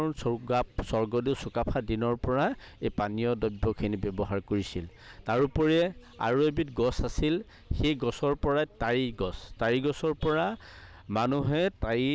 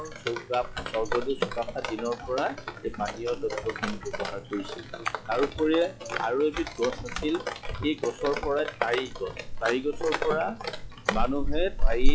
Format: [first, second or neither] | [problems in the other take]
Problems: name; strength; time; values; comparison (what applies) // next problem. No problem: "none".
first | noise reduction (classical method log-MMSE)